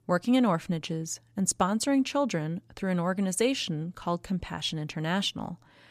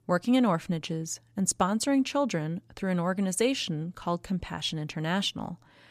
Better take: neither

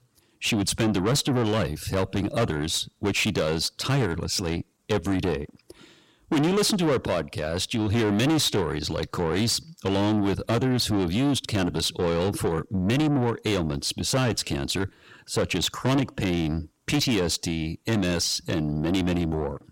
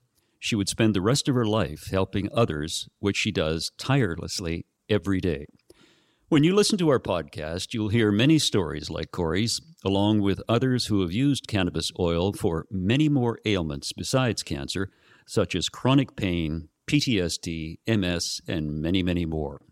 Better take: second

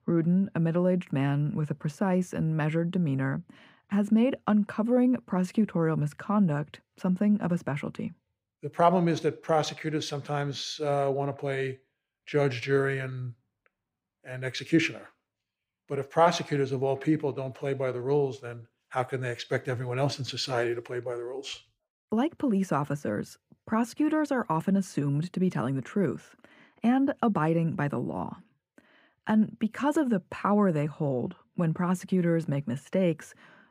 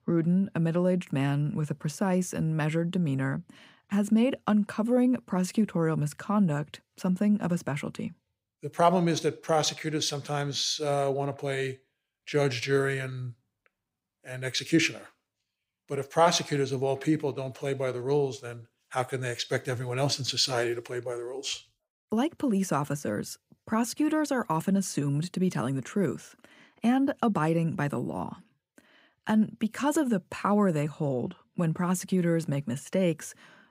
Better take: second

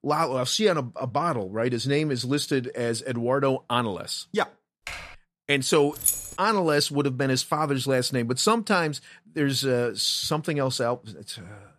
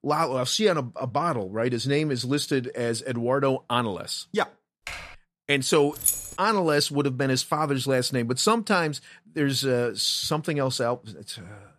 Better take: neither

